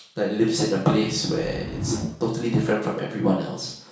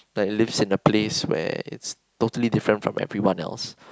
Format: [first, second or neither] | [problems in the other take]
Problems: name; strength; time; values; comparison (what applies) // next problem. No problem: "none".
second | background sound (Whoosh, swoosh, swish); 11 dB below the speech // room echo; dies away in 0.6 s